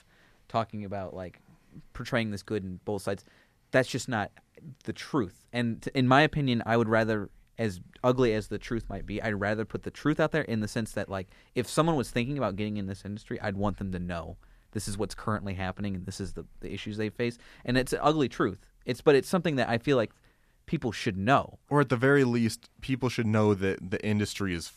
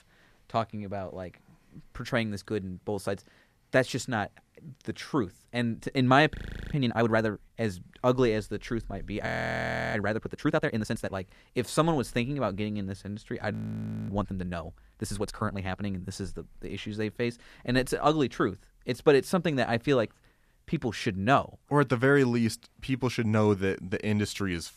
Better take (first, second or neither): first